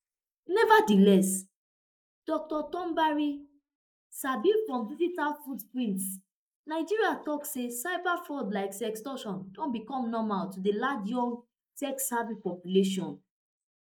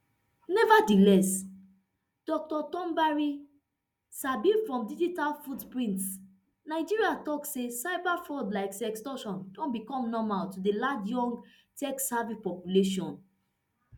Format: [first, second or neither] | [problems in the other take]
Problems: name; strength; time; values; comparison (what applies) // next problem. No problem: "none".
second | noise reduction (neural mask model Resemble Enhance denoiser)